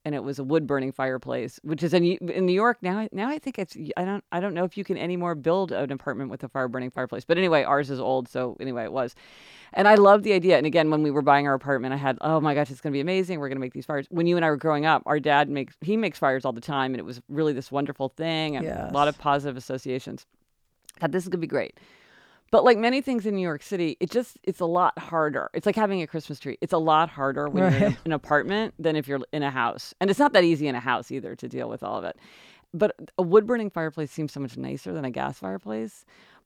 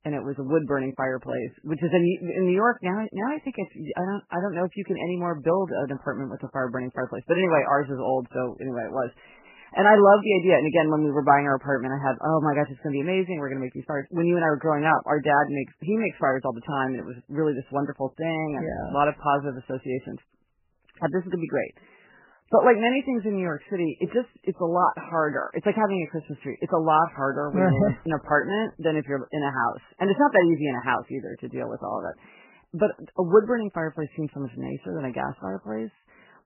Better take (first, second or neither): first